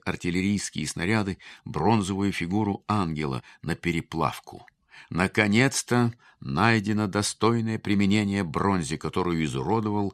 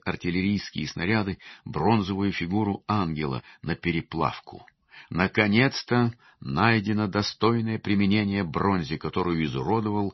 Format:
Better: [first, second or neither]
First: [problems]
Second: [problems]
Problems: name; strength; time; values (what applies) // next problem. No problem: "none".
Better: first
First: none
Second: garbled, watery; slightly; nothing above 6 kHz